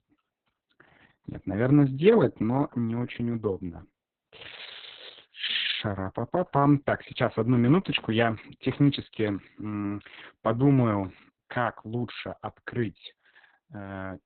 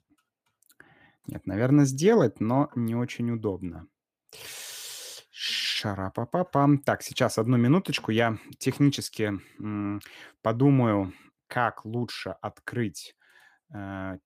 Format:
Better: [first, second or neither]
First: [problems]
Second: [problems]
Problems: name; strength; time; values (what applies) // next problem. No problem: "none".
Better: second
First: garbled, watery; badly; nothing above 4 kHz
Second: none